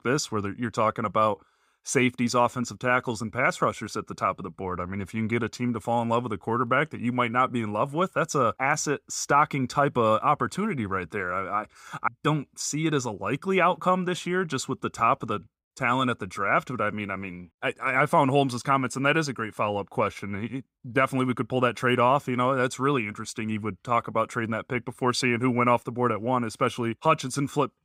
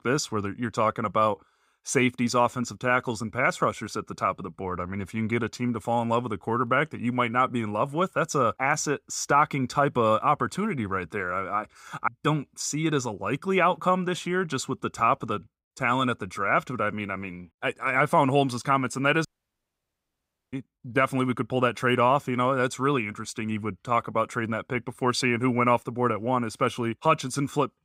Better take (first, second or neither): first